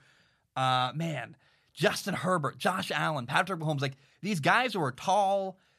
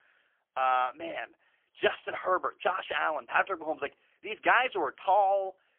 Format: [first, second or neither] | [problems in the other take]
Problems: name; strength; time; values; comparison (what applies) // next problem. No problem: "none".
first | phone-call audio; poor line; nothing above 3 kHz